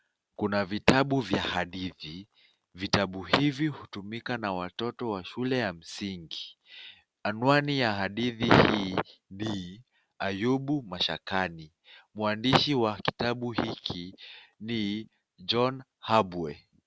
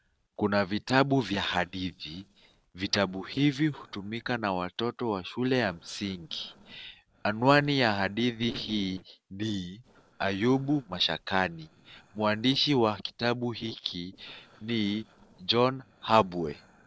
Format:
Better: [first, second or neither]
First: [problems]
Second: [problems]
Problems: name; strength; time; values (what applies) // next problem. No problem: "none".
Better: first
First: none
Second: noise reduction (neural separator model SepFormer DNS4)